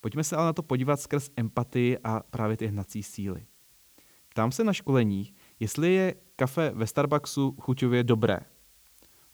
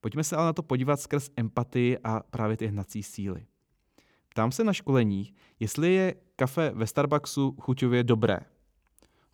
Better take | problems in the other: second | hiss; faint; throughout; 30 dB below the speech

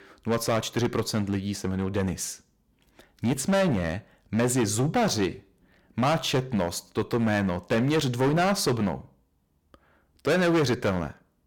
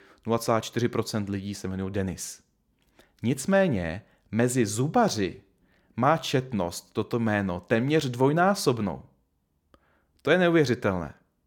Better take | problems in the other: second | distortion; heavy; 10% of the sound clipped

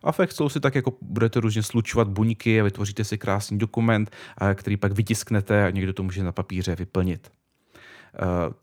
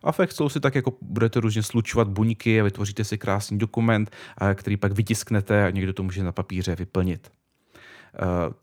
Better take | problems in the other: neither | none

